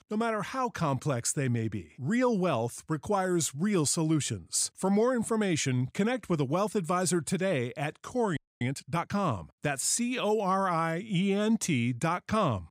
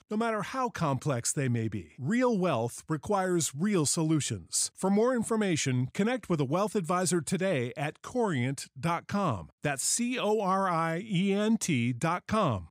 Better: second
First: audio freezing; at 8.5 s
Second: none

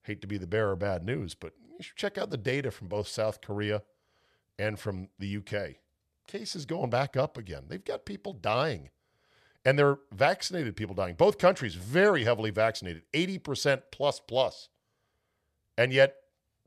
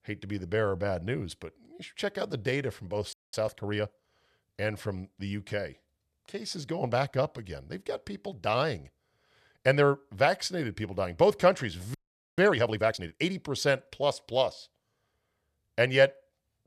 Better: first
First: none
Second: audio freezing; at 3 s and at 12 s

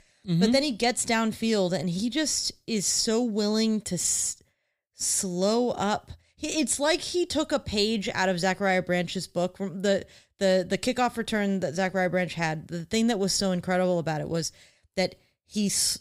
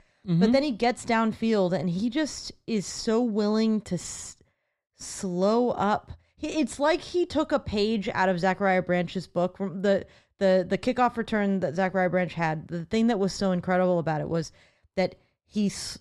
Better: first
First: none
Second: muffled; slightly; fading above 2 kHz

